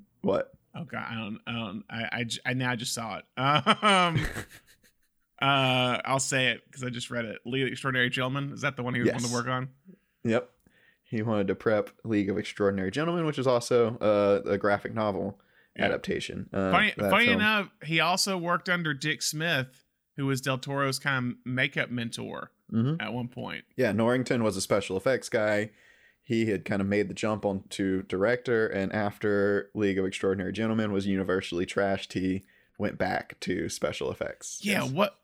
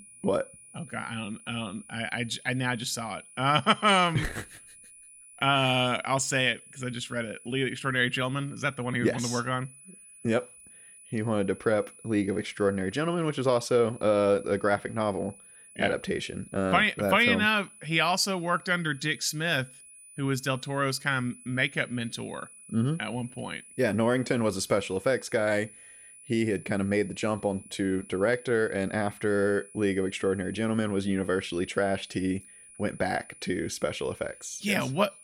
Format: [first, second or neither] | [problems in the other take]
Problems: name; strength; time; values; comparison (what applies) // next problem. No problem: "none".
first | high-pitched whine; faint; throughout; 10 kHz, 20 dB below the speech